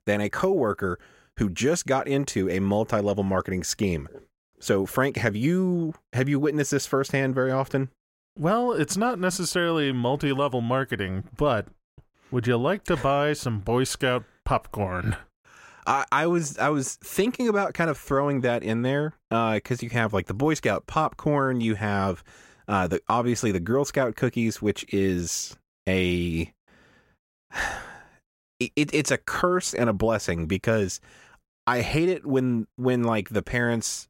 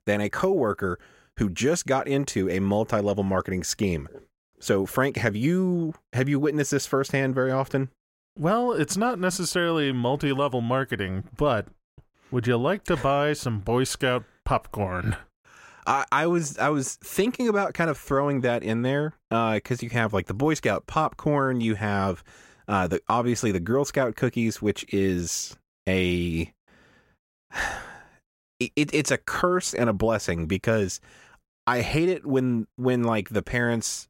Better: neither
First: none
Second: none

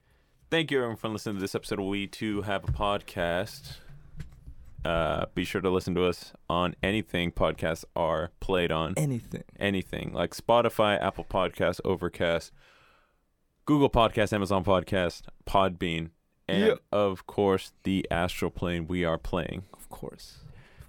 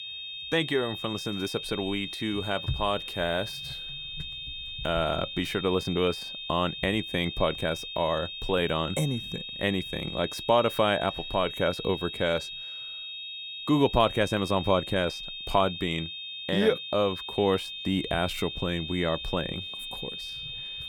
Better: first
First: none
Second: high-pitched whine; loud; throughout; 3.5 kHz, 7 dB below the speech

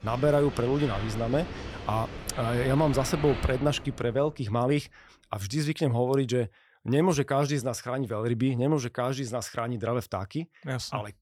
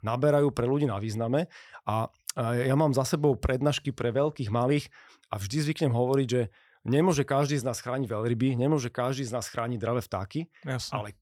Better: second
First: rain or running water; noticeable; until 3.5 s; 10 dB below the speech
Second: none

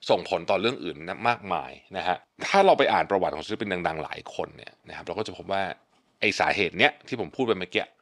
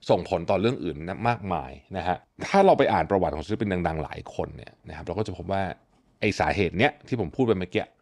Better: second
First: thin; very slightly; fading below 400 Hz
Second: none

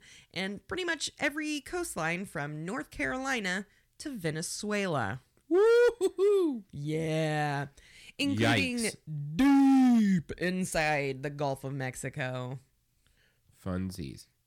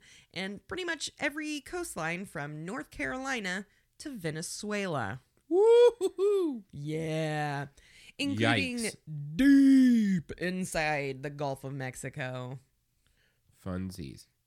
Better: second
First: distortion; slight; 4% of the sound clipped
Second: none

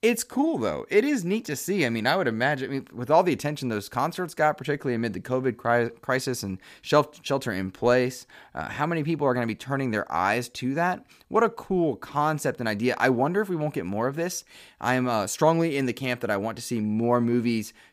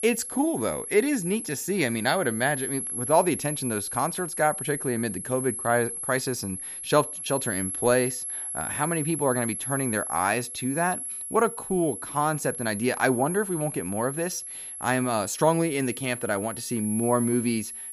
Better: first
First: none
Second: high-pitched whine; loud; throughout; 11 kHz, 5 dB below the speech

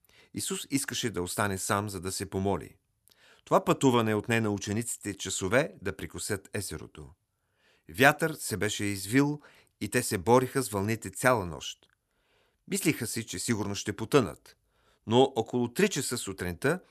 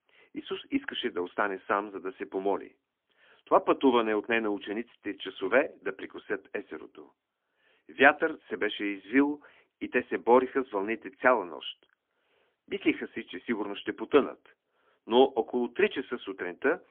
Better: first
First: none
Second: phone-call audio; poor line; nothing above 3.5 kHz

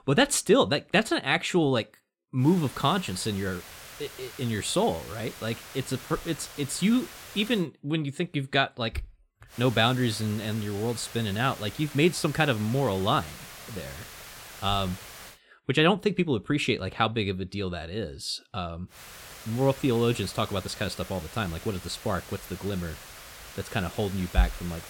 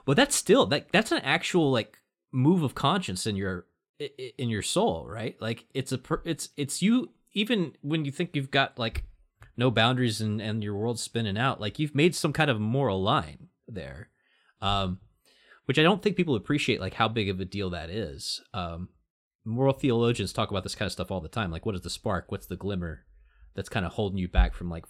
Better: second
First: hiss; noticeable; from 2.5 to 7.5 s, from 9.5 to 15 s and from 19 s on; 15 dB below the speech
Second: none

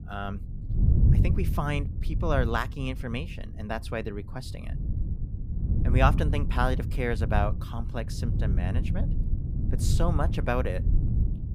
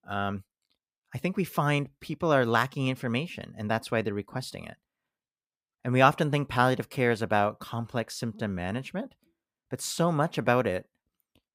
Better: second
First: wind noise on the microphone; occasional gusts; 10 dB below the speech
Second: none

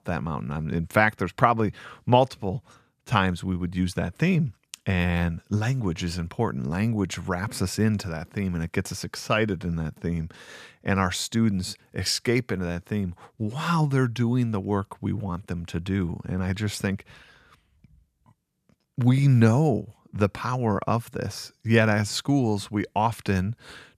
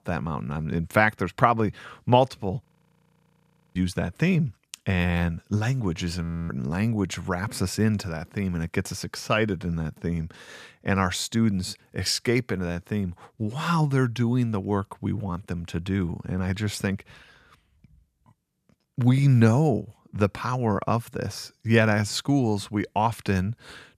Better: first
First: none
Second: audio freezing; at 2.5 s for 1 s and at 6 s

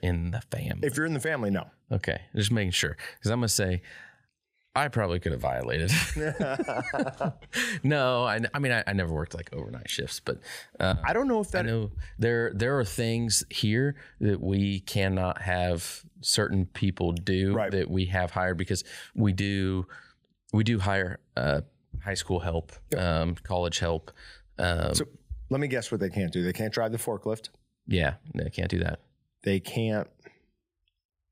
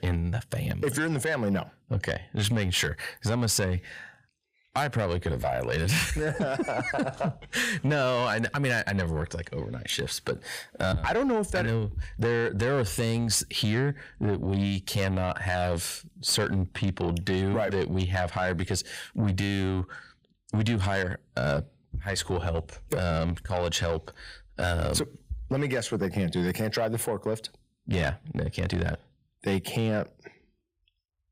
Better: first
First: none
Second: distortion; slight; 10 dB below the speech

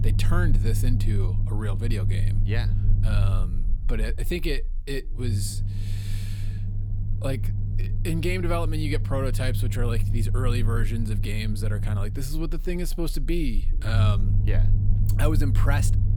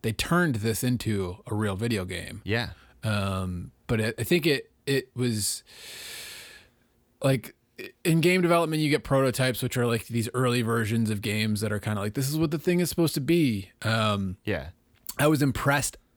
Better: second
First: low rumble; loud; throughout; 7 dB below the speech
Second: none

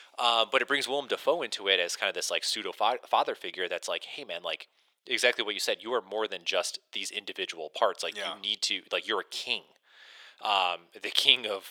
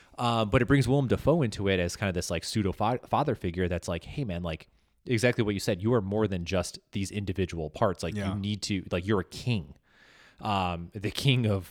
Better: second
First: thin; very; fading below 500 Hz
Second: none

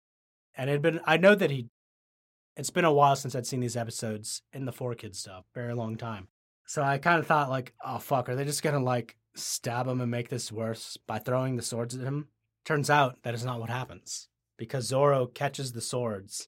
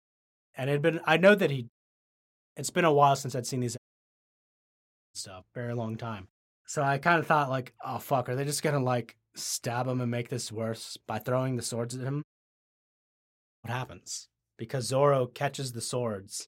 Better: first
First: none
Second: audio cutting out; at 4 s for 1.5 s and at 12 s for 1.5 s

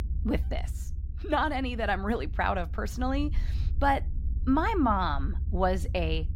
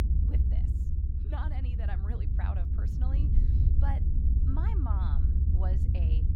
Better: first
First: low rumble; faint; throughout; 25 dB below the speech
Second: low rumble; loud; throughout; as loud as the speech

